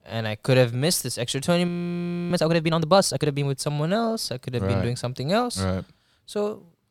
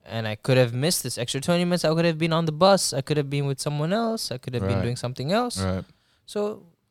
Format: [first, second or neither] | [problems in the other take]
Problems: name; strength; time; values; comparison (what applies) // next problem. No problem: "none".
second | audio freezing; at 1.5 s for 0.5 s